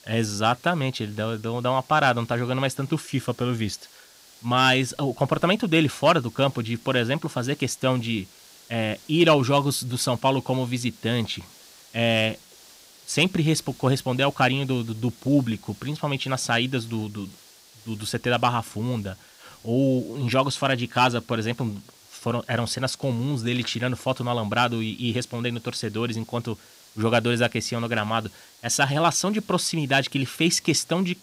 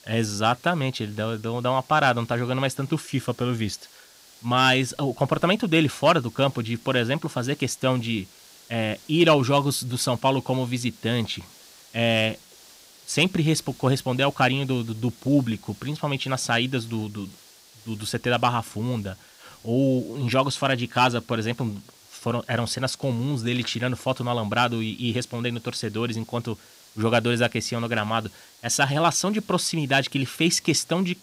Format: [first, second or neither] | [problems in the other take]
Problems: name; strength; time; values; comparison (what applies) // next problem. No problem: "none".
neither | hiss; faint; throughout; 25 dB below the speech; the same in both